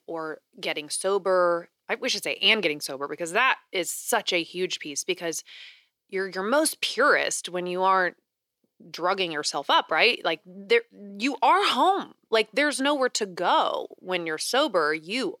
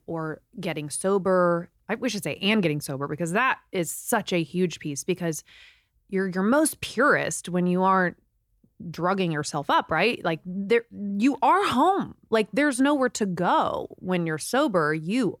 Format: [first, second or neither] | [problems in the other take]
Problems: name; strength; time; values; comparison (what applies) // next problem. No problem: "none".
second | thin; somewhat; fading below 450 Hz